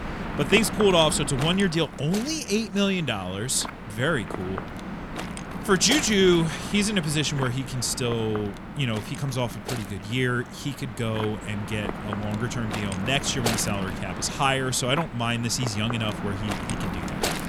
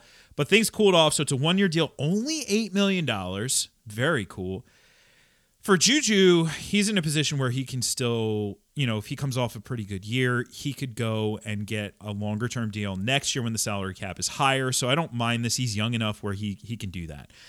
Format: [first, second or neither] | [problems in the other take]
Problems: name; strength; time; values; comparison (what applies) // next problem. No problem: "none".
second | wind noise on the microphone; heavy; 8 dB below the speech